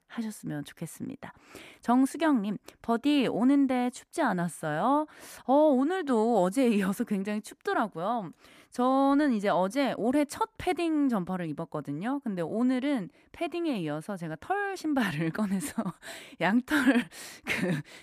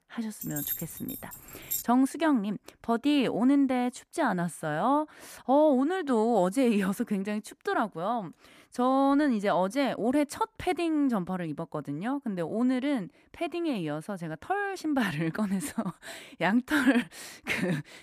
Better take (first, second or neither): first